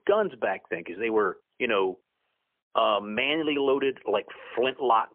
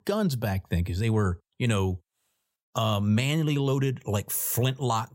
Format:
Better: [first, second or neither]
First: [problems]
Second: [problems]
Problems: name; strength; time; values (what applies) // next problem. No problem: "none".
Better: second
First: phone-call audio; poor line; nothing above 3 kHz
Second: none